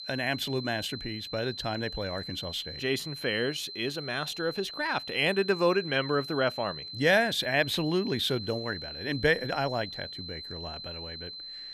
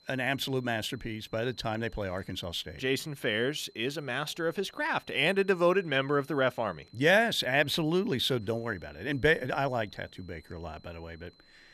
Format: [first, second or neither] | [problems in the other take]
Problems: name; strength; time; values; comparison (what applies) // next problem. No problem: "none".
second | high-pitched whine; loud; throughout; 4 kHz, 9 dB below the speech; faint in the second